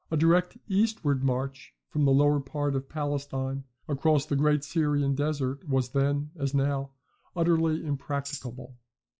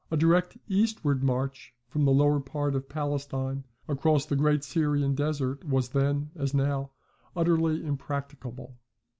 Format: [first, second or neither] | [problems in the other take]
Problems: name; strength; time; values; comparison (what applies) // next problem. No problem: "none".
second | noise reduction (classical method log-MMSE)